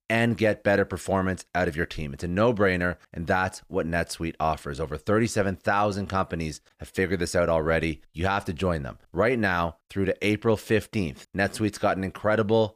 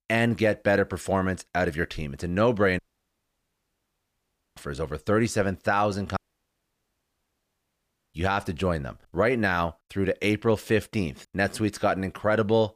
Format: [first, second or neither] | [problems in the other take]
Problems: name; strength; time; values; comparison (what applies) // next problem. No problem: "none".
first | audio cutting out; at 3 s for 2 s and at 6 s for 2 s